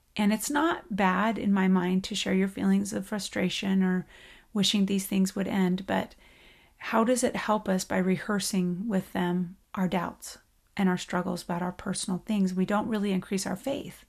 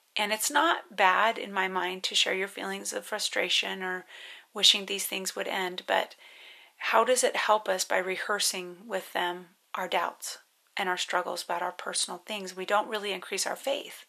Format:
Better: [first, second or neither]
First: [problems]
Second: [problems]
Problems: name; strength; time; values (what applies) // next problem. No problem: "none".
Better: first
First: none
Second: thin; very; fading below 450 Hz